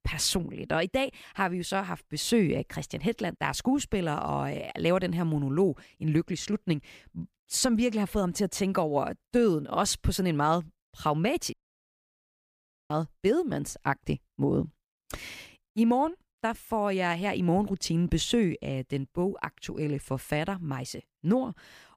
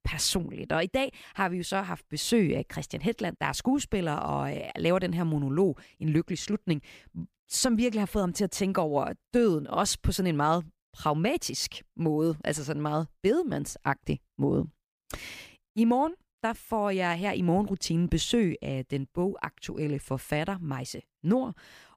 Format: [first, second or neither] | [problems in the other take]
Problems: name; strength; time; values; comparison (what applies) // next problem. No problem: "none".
second | audio cutting out; at 12 s for 1.5 s